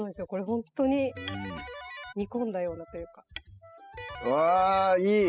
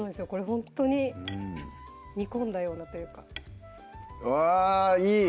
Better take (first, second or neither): second